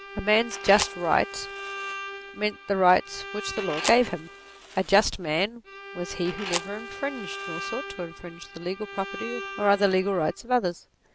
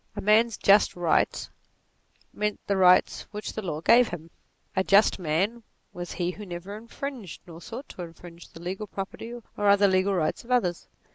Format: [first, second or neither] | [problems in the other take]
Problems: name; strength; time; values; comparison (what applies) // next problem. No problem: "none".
second | background sound (Bowed string instrument + Fire); 10 dB below the speech